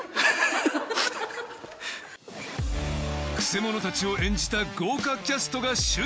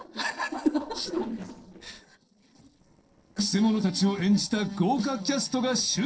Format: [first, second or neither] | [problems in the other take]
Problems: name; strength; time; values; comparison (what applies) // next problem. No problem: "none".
first | noise reduction (neural separator model SepFormer DNS4)